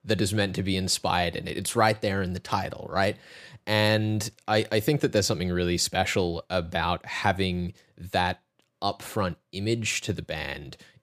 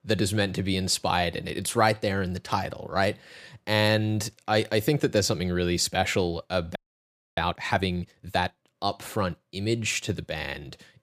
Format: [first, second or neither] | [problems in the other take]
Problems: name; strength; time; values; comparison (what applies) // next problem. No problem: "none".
first | audio freezing; at 7 s for 0.5 s